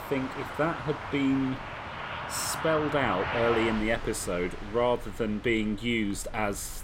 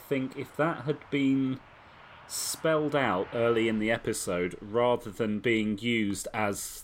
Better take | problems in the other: second | train or aircraft noise; loud; throughout; 7 dB below the speech; faint in the second

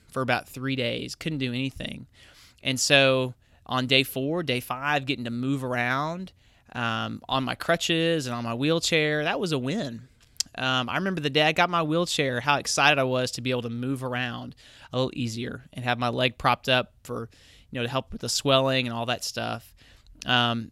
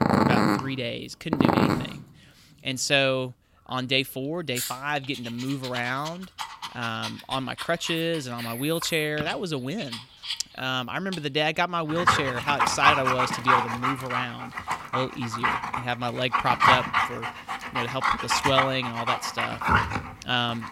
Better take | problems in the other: first | animal sounds; very loud; throughout; 2 dB above the speech

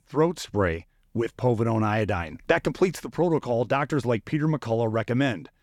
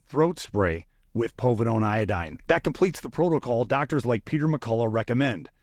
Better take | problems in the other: first | garbled, watery; slightly; nothing above 18.5 kHz

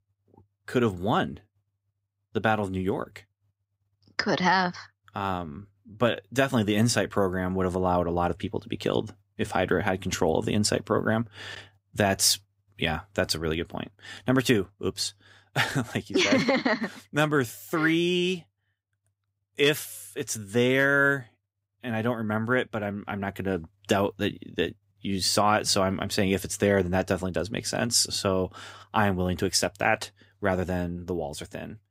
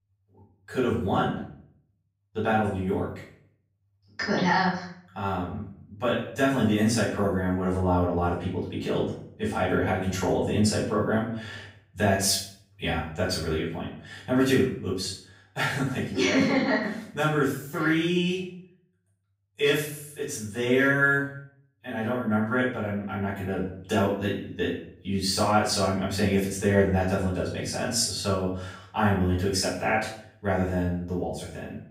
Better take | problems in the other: first | off-mic speech; far // room echo; noticeable; dies away in 0.5 s

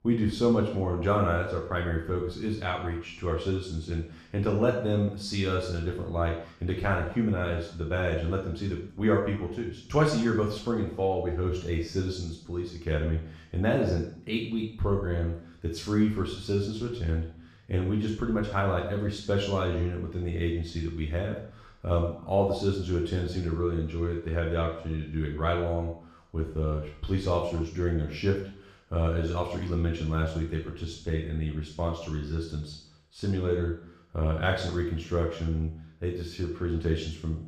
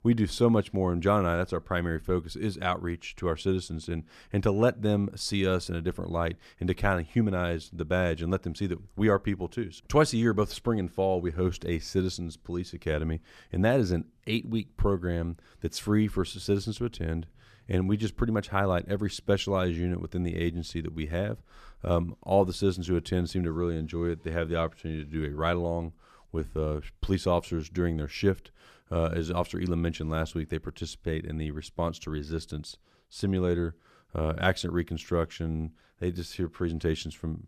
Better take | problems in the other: second | room echo; noticeable; dies away in 0.6 s // off-mic speech; far

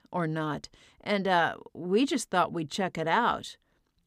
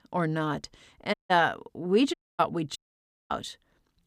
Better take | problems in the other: first | audio cutting out; at 1 s, at 2 s and at 3 s for 0.5 s

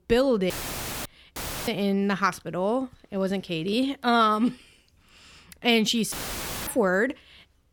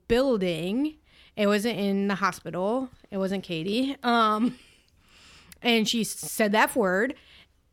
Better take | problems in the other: second | audio cutting out; filled with static; at 0.5 s for 0.5 s, at 1.5 s and at 6 s for 0.5 s

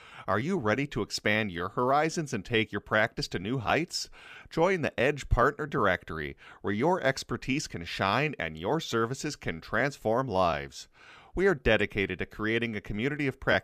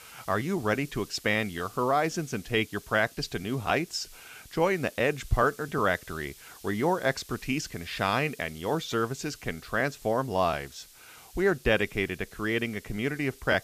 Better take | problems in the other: first | hiss; faint; throughout; 20 dB below the speech

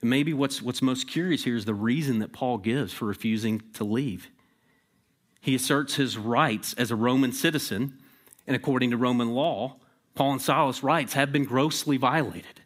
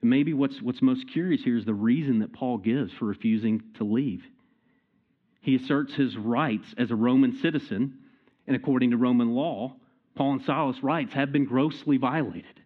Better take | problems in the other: first | muffled; very; fading above 3 kHz

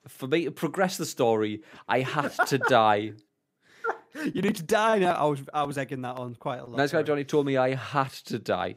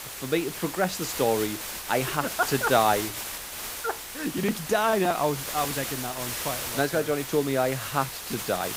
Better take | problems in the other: first | hiss; loud; throughout; 5 dB below the speech

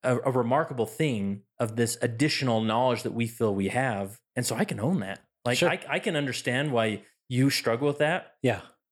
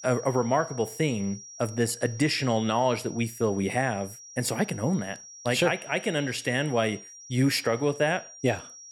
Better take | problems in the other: first | high-pitched whine; noticeable; throughout; 5.5 kHz, 15 dB below the speech

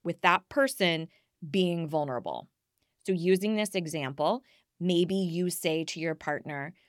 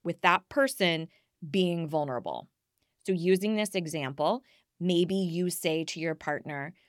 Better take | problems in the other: neither | none

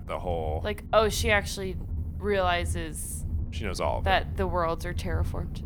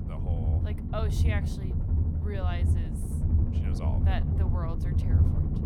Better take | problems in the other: first | low rumble; loud; throughout; 1 dB below the speech; faint in the first

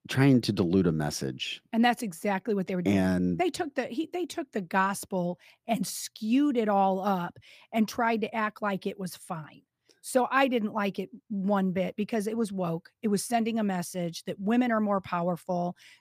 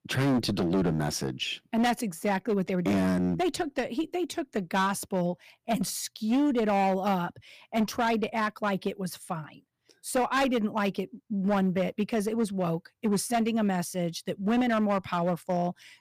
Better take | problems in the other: first | distortion; slight; 10% of the sound clipped

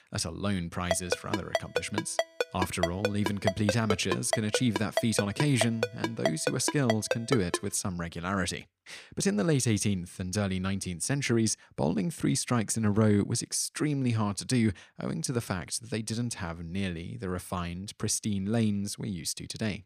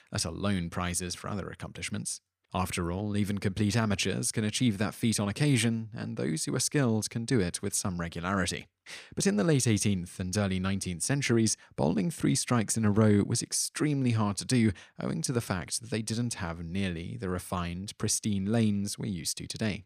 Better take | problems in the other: second | phone ringing; noticeable; from 1 to 7.5 s; peak 2 dB below the speech

